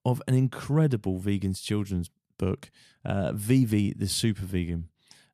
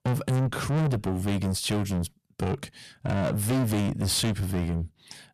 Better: first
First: none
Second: distortion; heavy; 5 dB below the speech

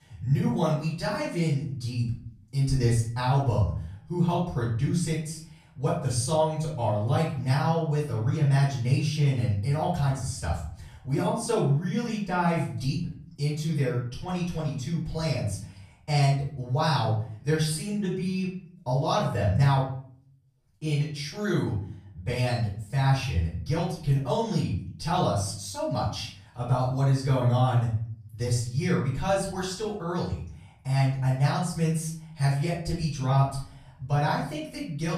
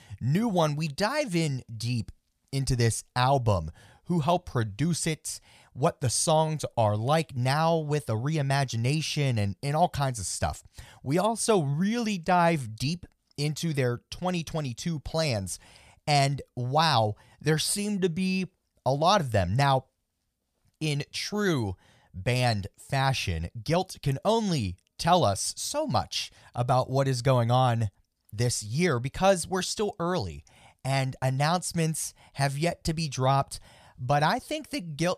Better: second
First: off-mic speech; far // room echo; noticeable; dies away in 0.6 s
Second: none

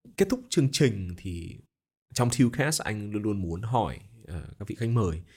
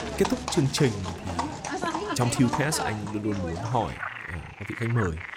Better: first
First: none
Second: animal sounds; loud; throughout; 6 dB below the speech

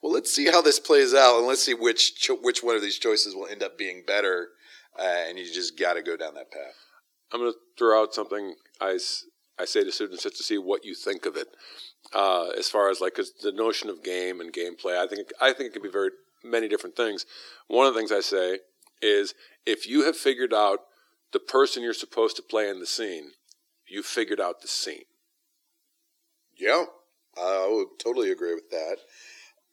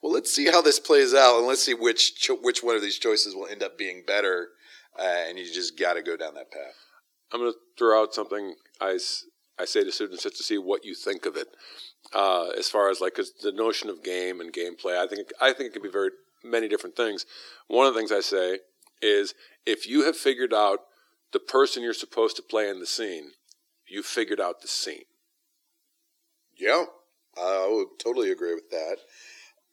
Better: neither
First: thin; somewhat; fading below 350 Hz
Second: thin; somewhat; fading below 350 Hz

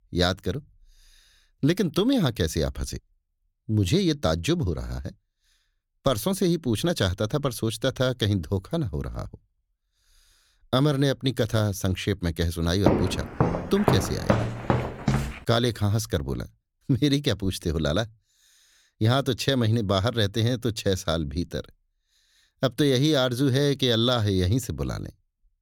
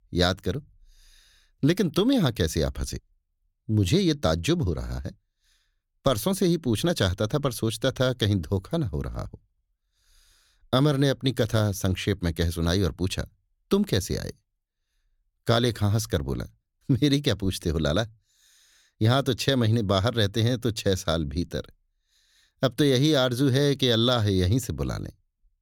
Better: second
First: footsteps; loud; from 13 to 15 s; peak 2 dB above the speech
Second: none

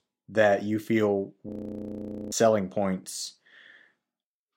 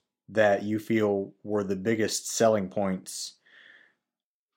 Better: second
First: audio freezing; at 1.5 s for 1 s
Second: none

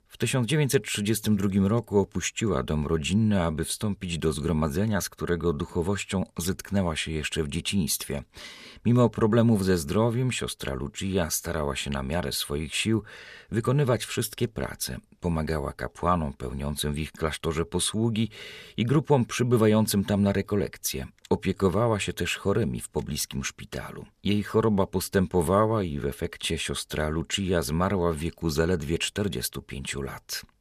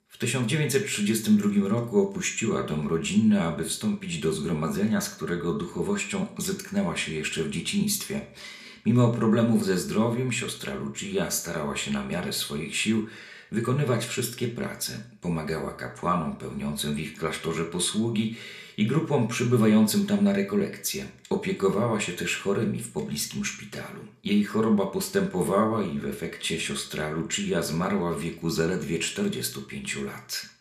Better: first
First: none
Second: room echo; very slight; dies away in 0.4 s

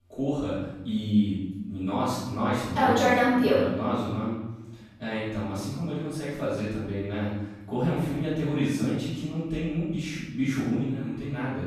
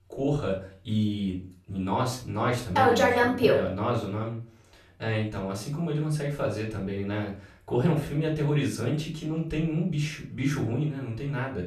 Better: second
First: room echo; strong; dies away in 0.9 s // off-mic speech; far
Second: room echo; slight; dies away in 0.3 s // off-mic speech; far

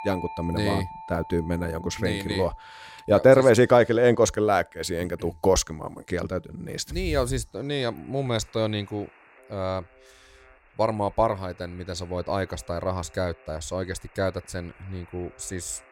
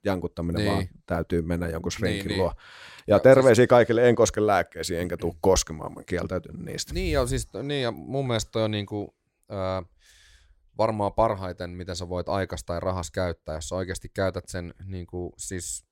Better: second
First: alarms or sirens; faint; throughout; 20 dB below the speech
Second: none

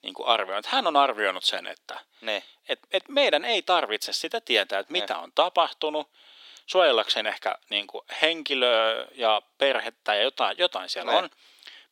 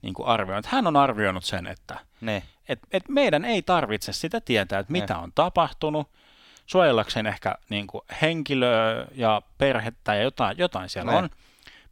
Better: second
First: thin; somewhat; fading below 350 Hz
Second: none

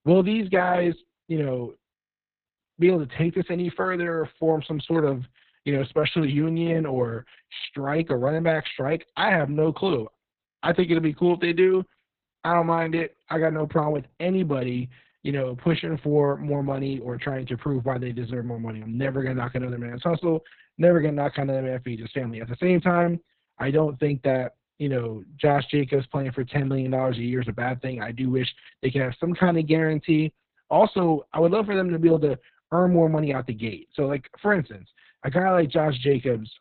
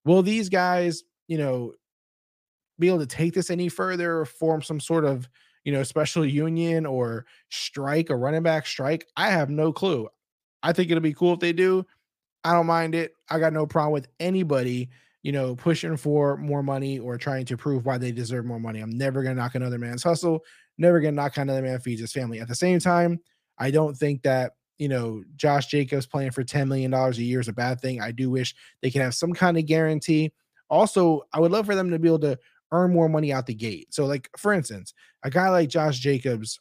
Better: second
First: garbled, watery; badly; nothing above 4 kHz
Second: none

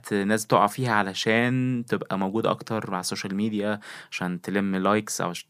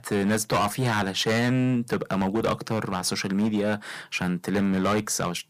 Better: first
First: none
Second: distortion; heavy; 11% of the sound clipped

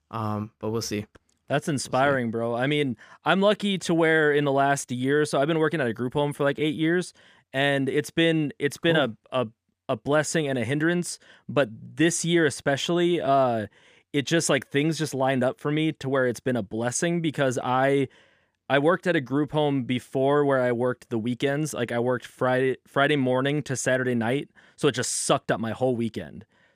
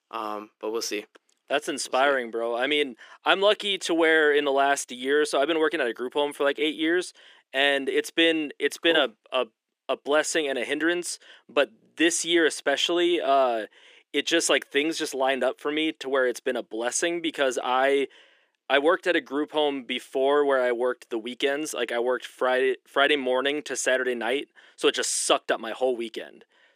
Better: first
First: none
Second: thin; somewhat; fading below 350 Hz

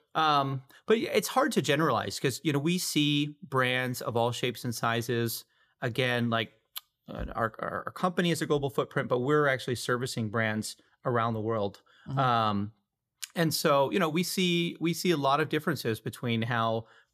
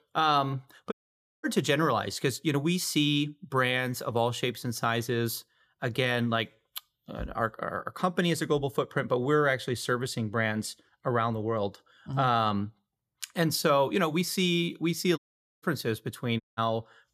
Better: first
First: none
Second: audio cutting out; at 1 s for 0.5 s, at 15 s and at 16 s

